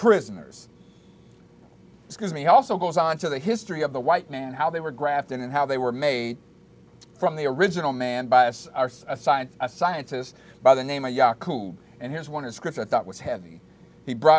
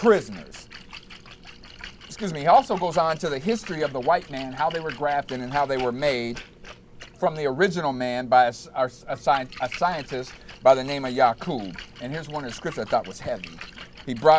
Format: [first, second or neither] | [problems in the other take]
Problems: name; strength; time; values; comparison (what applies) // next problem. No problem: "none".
first | background sound (Splash, splatter); 18 dB below the speech